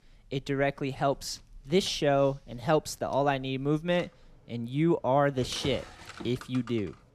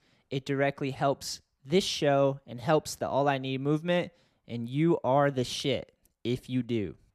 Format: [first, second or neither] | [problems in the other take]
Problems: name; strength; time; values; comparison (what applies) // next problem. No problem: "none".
second | household noises; noticeable; throughout; 20 dB below the speech